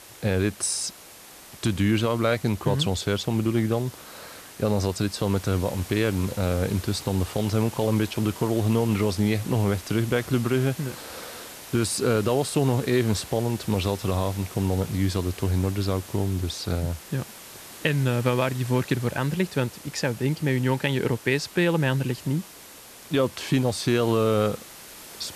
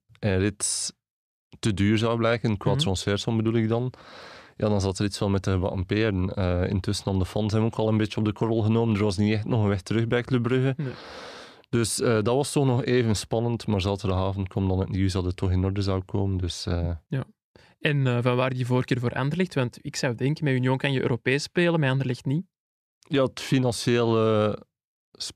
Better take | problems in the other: second | hiss; noticeable; throughout; 15 dB below the speech

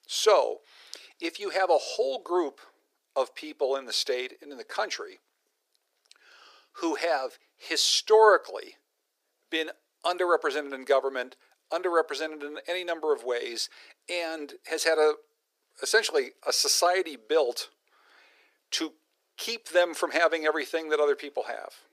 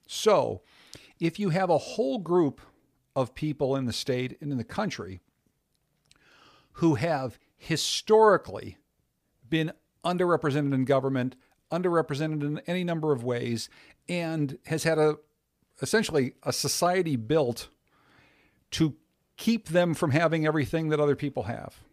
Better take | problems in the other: second | thin; very; fading below 350 Hz

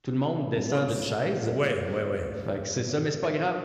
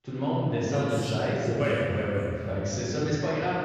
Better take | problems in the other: first | room echo; strong; dies away in 3 s; slight in the first // off-mic speech; far

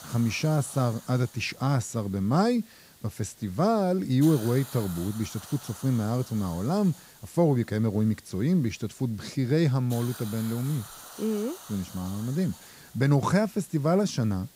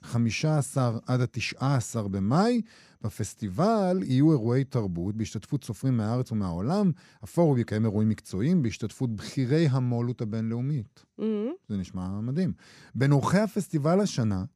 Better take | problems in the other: second | hiss; noticeable; throughout; 20 dB below the speech

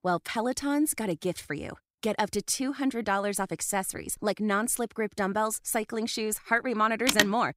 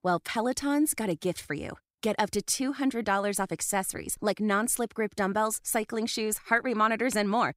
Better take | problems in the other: second | phone ringing; loud; at 7 s; peak 4 dB above the speech

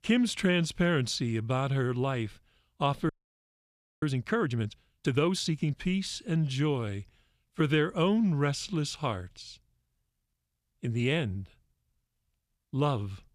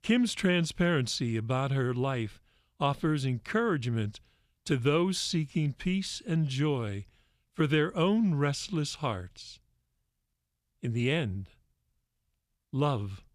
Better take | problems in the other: second | audio freezing; at 3 s for 1 s

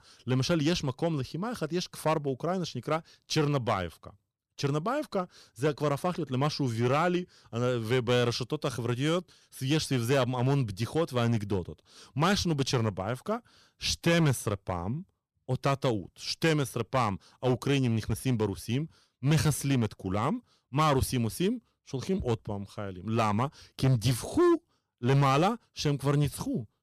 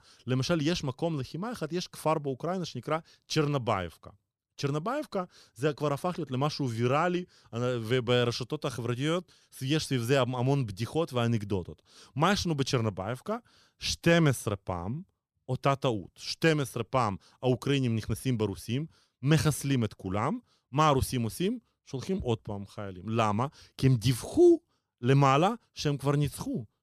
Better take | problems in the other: second | distortion; slight; 4% of the sound clipped

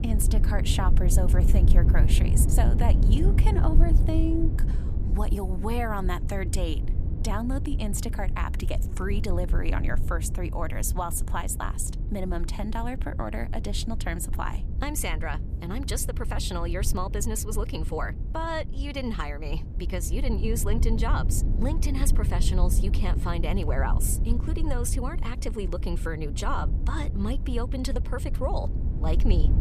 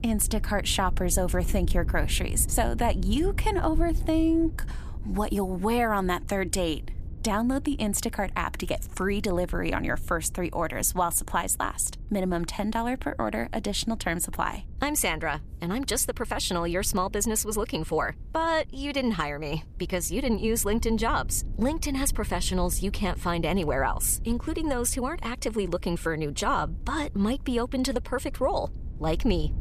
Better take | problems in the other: second | wind noise on the microphone; heavy; 9 dB below the speech; occasional gusts in the second

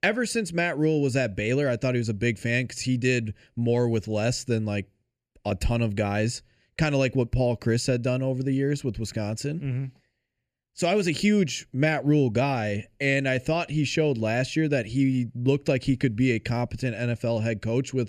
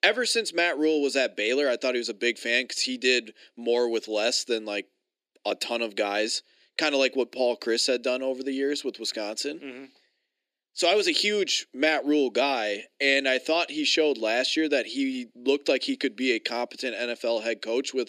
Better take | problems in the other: first | thin; somewhat; fading below 300 Hz

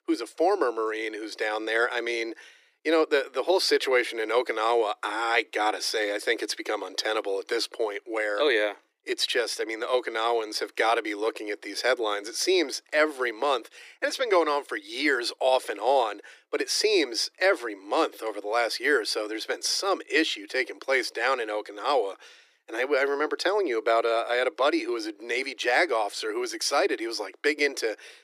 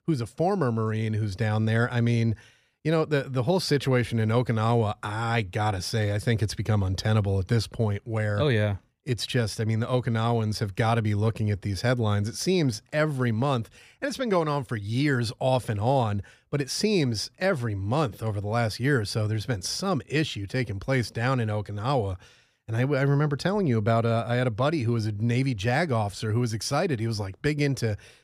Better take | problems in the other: second | thin; very; fading below 300 Hz

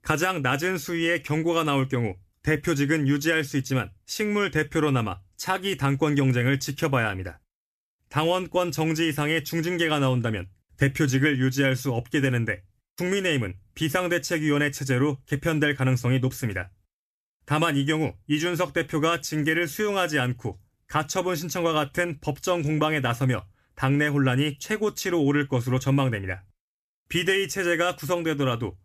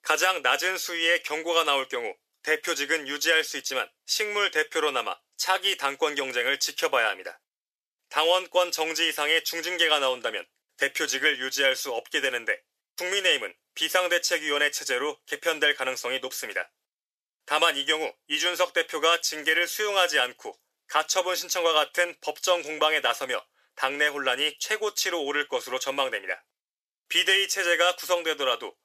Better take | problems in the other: first | thin; very; fading below 500 Hz

